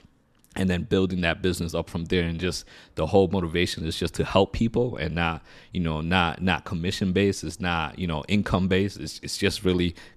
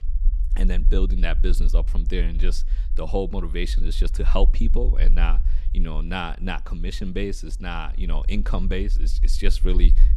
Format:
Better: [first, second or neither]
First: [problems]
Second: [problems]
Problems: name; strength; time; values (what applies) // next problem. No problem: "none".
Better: first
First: none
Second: low rumble; noticeable; throughout; 20 dB below the speech